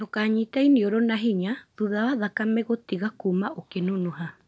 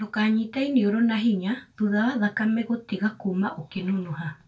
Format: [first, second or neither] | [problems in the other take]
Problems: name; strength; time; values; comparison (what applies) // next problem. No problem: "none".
first | room echo; dies away in 0.2 s